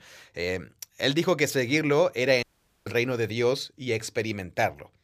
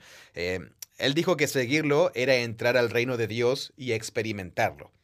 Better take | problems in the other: second | audio cutting out; at 2.5 s

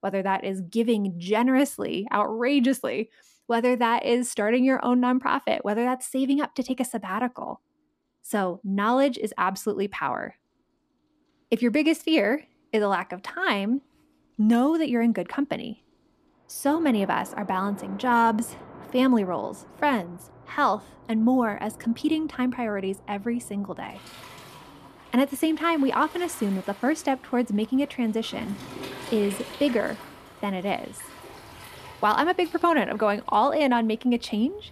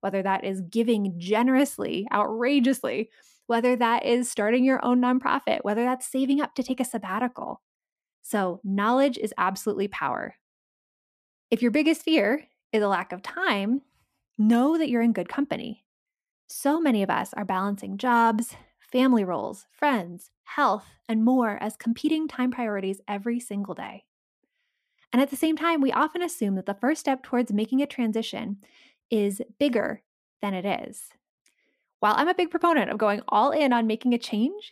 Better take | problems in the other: second | rain or running water; noticeable; throughout; 20 dB below the speech

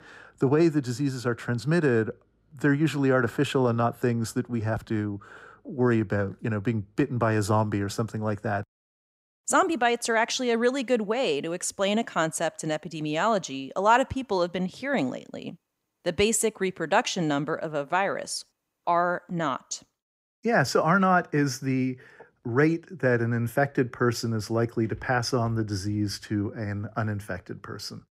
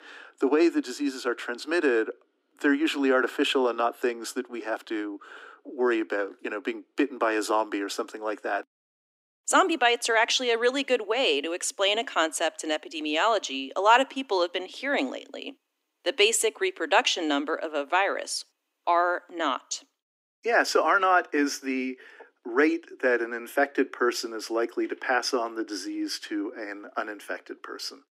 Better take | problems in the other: first | thin; very slightly; fading below 250 Hz

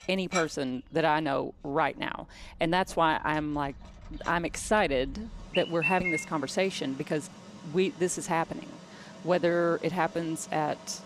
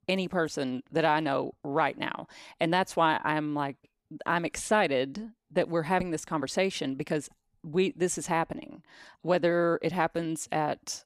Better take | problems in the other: second | animal sounds; loud; throughout; 10 dB below the speech

